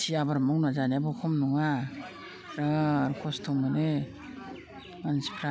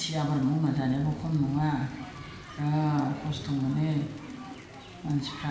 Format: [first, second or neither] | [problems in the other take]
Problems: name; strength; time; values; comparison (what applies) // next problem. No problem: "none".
first | background sound (Thunder / Rain); 17 dB below the speech // room echo; dies away in 1.1 s